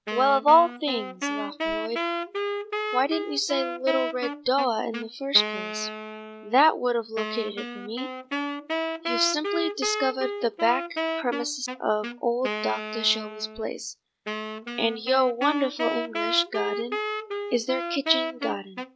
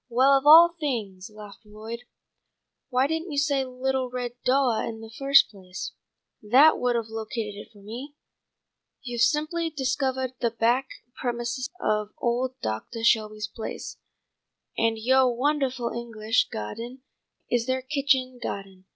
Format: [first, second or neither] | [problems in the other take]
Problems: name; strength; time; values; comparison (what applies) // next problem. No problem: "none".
second | background sound (Wind instrument, woodwind instrument); 5 dB below the speech